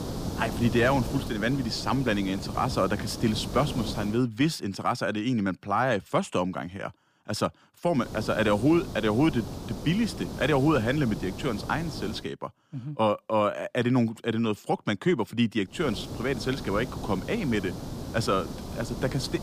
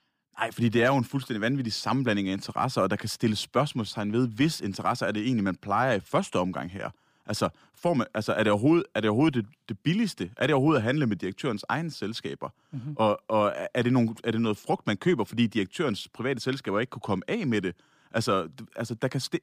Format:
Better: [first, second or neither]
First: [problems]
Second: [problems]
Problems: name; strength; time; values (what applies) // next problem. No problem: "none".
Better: second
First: hiss; loud; until 4 s, from 8 to 12 s and from 16 s on; 9 dB below the speech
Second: none